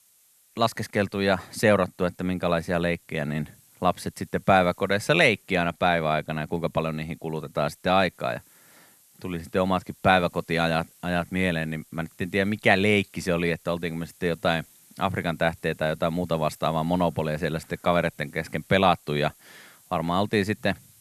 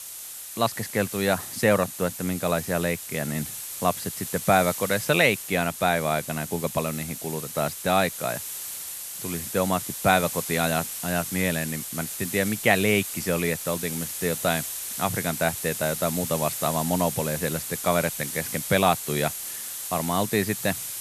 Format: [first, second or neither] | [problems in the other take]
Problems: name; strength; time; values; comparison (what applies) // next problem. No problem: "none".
first | hiss; loud; throughout; 6 dB below the speech; faint in the first